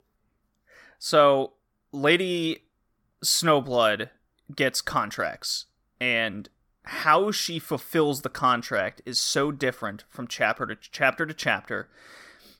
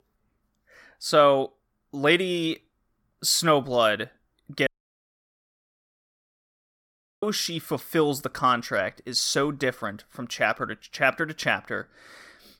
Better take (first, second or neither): first